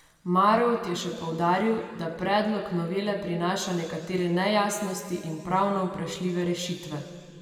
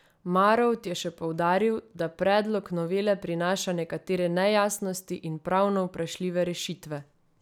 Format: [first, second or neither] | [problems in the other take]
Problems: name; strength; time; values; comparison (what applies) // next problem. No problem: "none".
second | room echo; dies away in 2.1 s